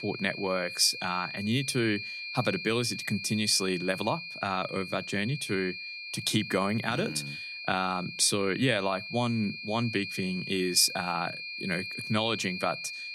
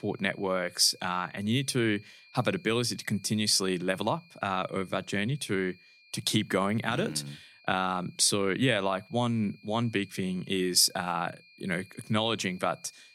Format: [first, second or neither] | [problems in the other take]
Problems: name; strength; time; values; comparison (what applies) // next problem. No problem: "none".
second | high-pitched whine; loud; throughout; 2.5 kHz, 8 dB below the speech; faint in the second